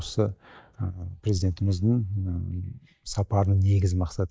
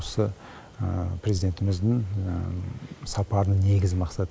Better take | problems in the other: second | noise reduction (neural mask model DeepFilterNet 3)

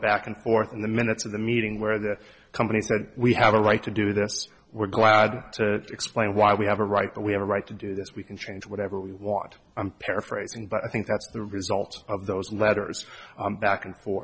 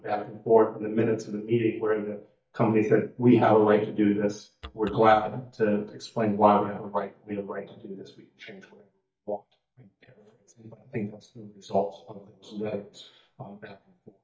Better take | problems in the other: first | noise reduction (neural mask model DeepFilterNet 3)

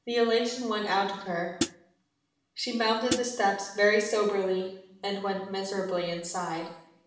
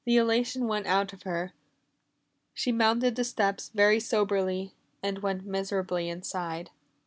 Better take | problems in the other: second | background sound (Hi-hat); 2 dB below the speech // room echo; dies away in 0.7 s

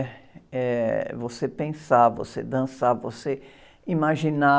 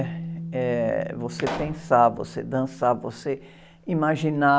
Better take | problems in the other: first | background sound (Bass guitar + Explosion); 12 dB below the speech

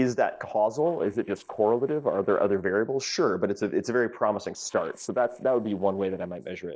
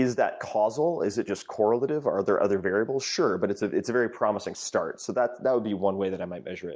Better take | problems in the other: second | noise reduction (neural separator model SepFormer DNS4)

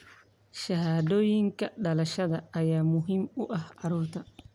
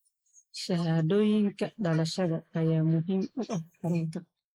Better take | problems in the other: first | noise reduction (neural mask model Resemble Enhance denoiser)

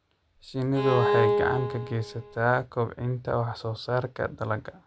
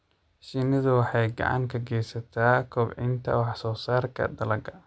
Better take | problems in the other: second | background sound (Bowed string instrument); as loud as the speech

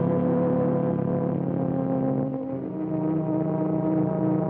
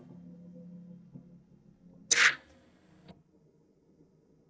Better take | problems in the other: first | noise reduction (neural mask model DeepFilterNet 3)

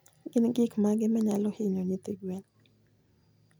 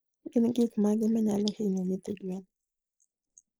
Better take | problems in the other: first | noise reduction (neural mask model Resemble Enhance denoiser)

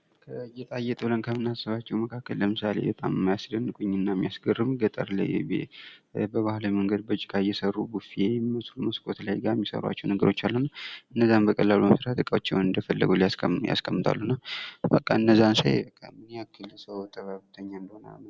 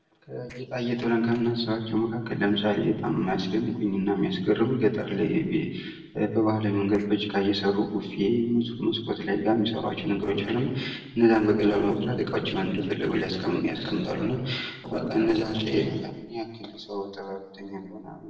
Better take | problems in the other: first | noise reduction (neural separator model SepFormer DNS4)

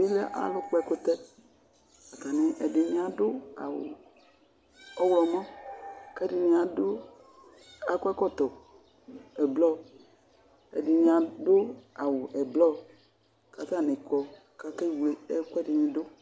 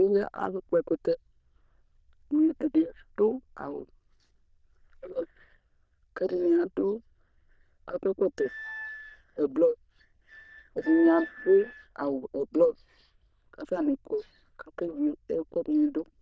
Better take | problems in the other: first | noise reduction (neural diffusion model UNIVERSE++)

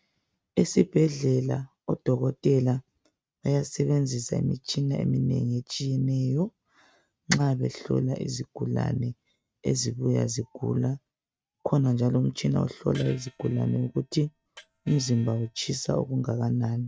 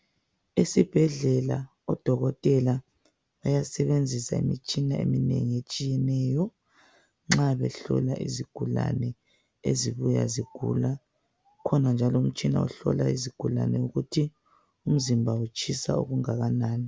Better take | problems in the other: second | noise reduction (neural mask model RNNoise)

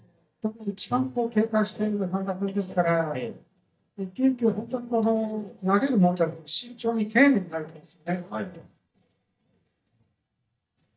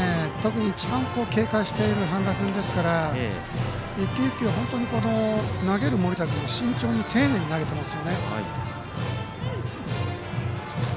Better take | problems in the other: second | noise reduction (neural mask model DeepFilterNet 3)

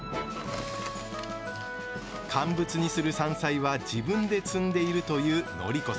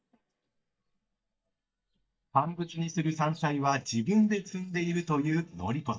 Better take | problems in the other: first | noise reduction (neural mask model DeepFilterNet 3)

